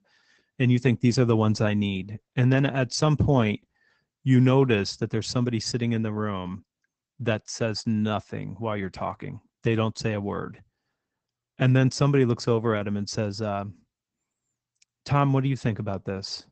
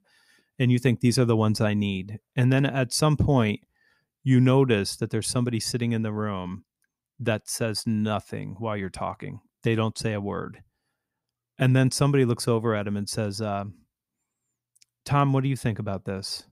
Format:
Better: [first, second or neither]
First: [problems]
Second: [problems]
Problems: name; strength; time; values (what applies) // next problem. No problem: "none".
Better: second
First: garbled, watery; badly; nothing above 8 kHz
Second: none